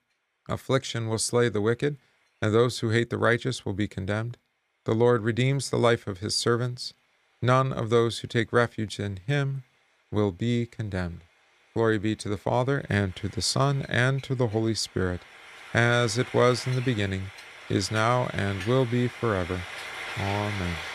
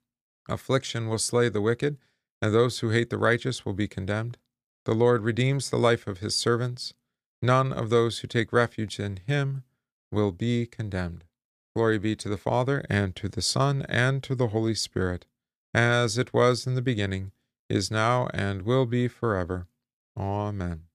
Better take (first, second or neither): second